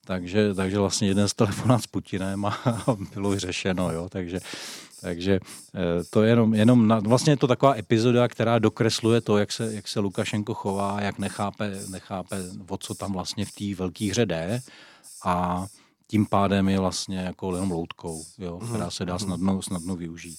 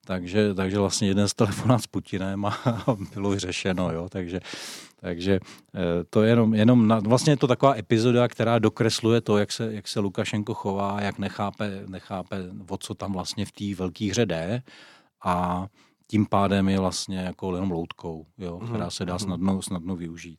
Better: second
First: hiss; faint; throughout; 20 dB below the speech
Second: none

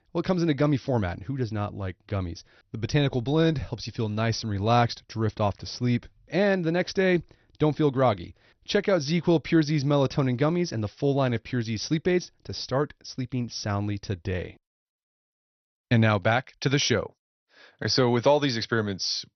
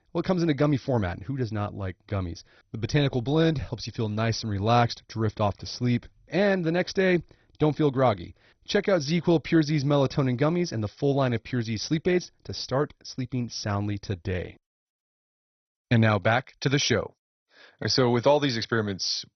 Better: first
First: garbled, watery; slightly; nothing above 6 kHz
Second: garbled, watery; badly; nothing above 6 kHz

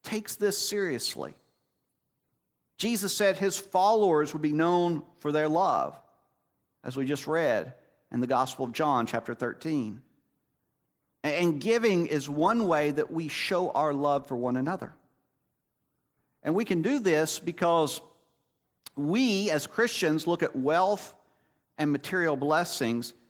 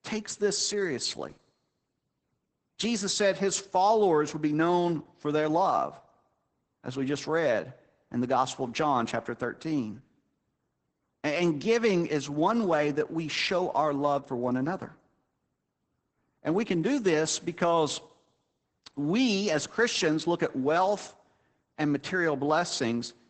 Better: first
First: garbled, watery; slightly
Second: garbled, watery; badly; nothing above 8 kHz

